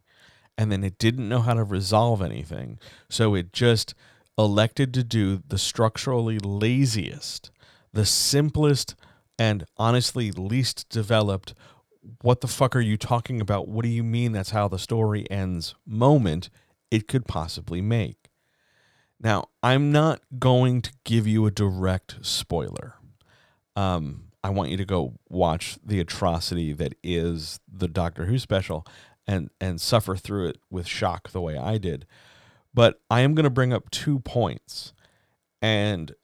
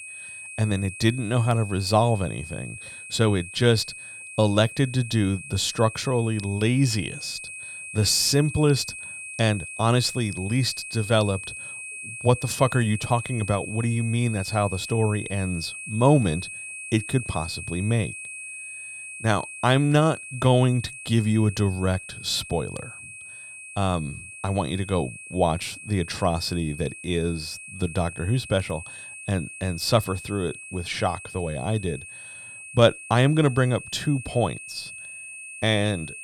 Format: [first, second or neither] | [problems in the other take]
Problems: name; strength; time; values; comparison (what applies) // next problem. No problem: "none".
first | high-pitched whine; noticeable; throughout; 2.5 kHz, 10 dB below the speech